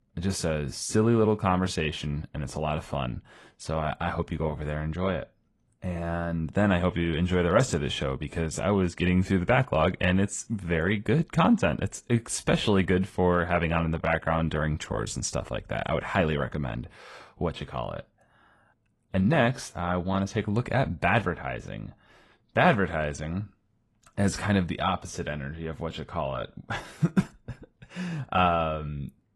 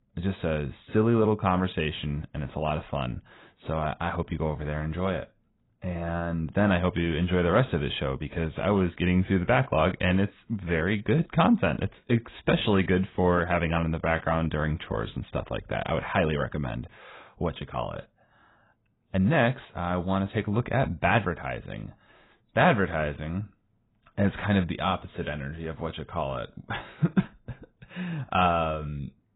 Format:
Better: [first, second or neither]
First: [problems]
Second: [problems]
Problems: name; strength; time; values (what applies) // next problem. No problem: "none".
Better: first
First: garbled, watery; slightly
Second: garbled, watery; badly; nothing above 4 kHz